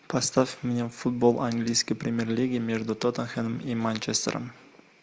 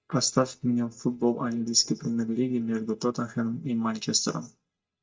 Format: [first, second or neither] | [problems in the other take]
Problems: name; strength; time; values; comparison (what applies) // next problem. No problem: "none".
first | noise reduction (neural mask model DeepFilterNet 3)